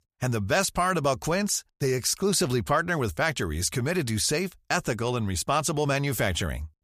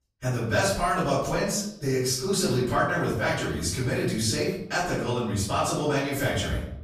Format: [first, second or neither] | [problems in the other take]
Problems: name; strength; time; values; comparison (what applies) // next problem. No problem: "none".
first | off-mic speech; far // room echo; noticeable; dies away in 0.7 s